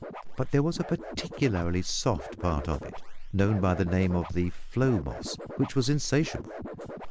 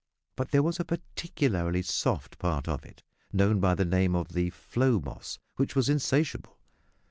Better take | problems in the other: second | noise reduction (neural mask model Resemble Enhance denoiser)

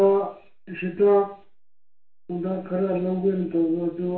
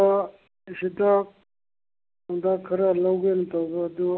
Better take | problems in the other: second | room echo; dies away in 0.4 s

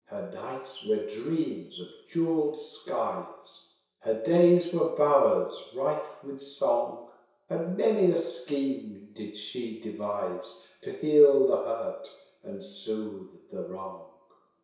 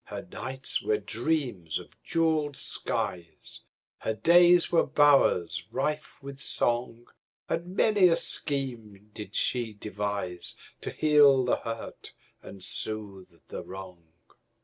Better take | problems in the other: second | room echo; dies away in 0.7 s

